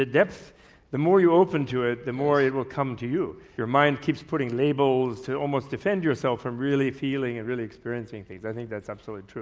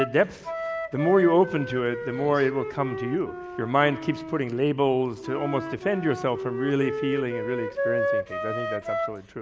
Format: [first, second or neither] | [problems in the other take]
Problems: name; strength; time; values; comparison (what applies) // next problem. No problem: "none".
first | background sound (Wind instrument, woodwind instrument); 6 dB below the speech